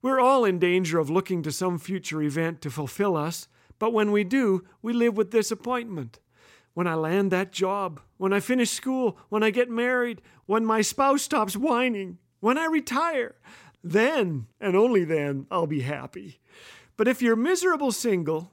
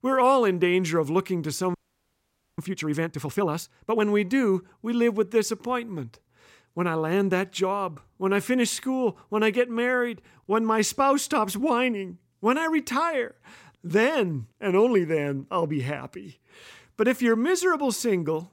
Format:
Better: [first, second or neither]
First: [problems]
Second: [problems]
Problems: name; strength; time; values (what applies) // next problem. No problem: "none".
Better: first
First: none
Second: audio freezing; at 1.5 s for 1 s